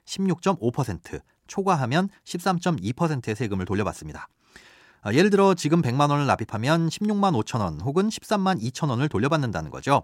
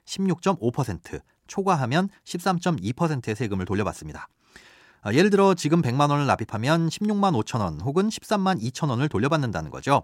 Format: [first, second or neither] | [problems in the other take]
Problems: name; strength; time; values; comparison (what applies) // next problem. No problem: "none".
neither | none